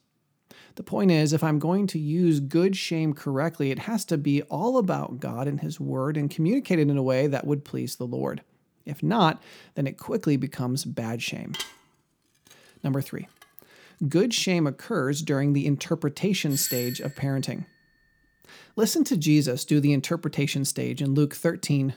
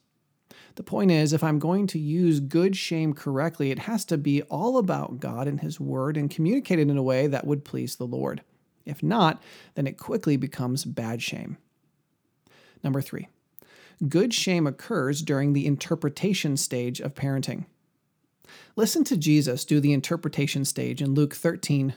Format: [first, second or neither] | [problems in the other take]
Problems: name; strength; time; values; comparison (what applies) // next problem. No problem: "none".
second | clattering dishes; noticeable; from 12 to 13 s; peak 9 dB below the speech // doorbell; noticeable; at 17 s; peak 3 dB below the speech